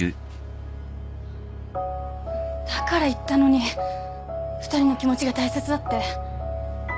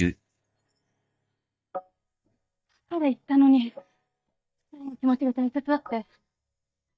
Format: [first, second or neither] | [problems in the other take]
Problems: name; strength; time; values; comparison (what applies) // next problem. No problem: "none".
first | noise reduction (neural mask model DeepFilterNet 3)